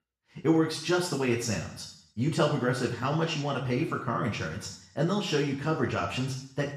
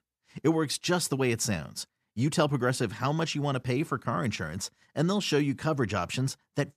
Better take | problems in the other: second | room echo; noticeable; dies away in 0.6 s // off-mic speech; far

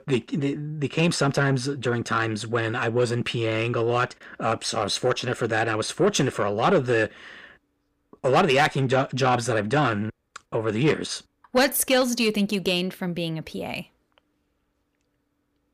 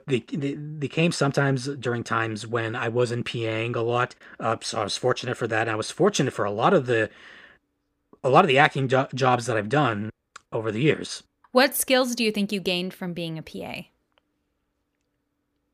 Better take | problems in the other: second | distortion; slight; 10 dB below the speech

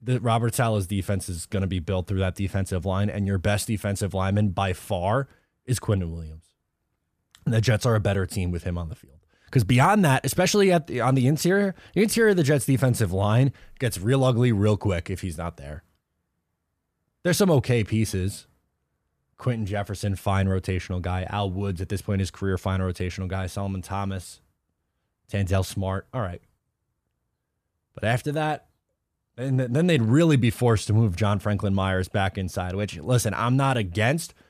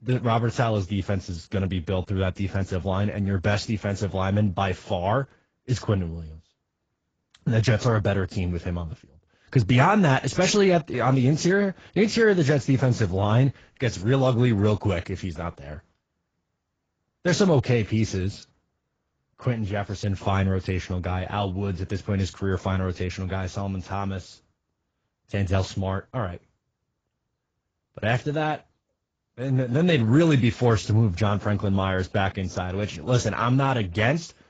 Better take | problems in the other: first | garbled, watery; badly; nothing above 7.5 kHz

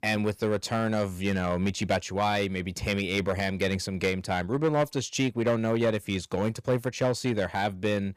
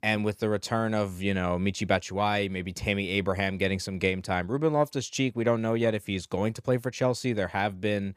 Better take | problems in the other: second | distortion; slight; 4% of the sound clipped

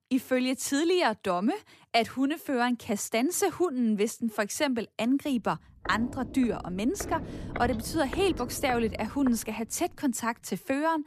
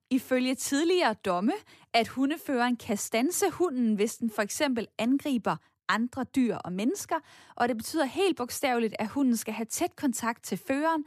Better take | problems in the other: second | footsteps; noticeable; from 6 to 10 s; peak 8 dB below the speech

